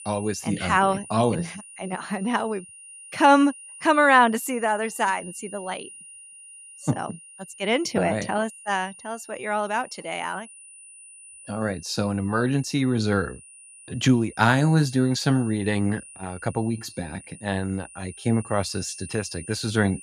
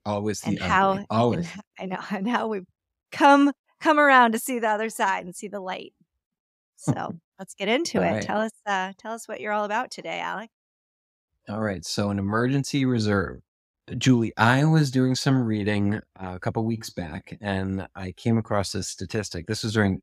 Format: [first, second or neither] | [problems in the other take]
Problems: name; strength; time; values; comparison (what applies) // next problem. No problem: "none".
second | high-pitched whine; noticeable; throughout; 9.5 kHz, 20 dB below the speech